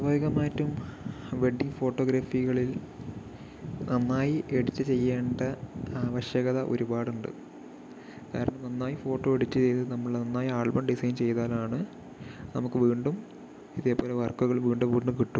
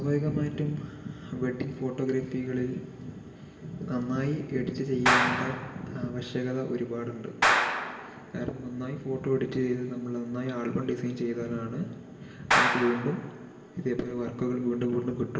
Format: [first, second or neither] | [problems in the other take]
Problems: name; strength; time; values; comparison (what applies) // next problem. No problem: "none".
first | background sound (Clapping); 2 dB above the speech // room echo; dies away in 2.4 s